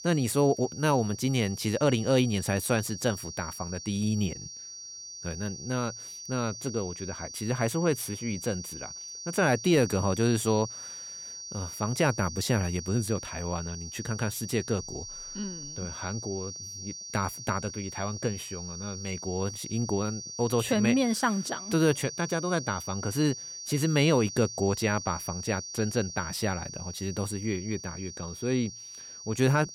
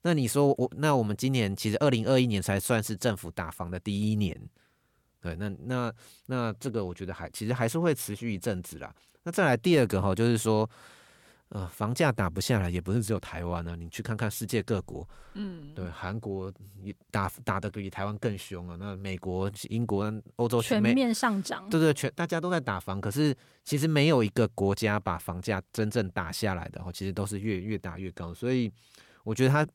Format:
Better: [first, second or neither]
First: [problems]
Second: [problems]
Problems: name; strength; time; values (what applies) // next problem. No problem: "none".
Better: second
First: high-pitched whine; loud; throughout; 6 kHz, 9 dB below the speech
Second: none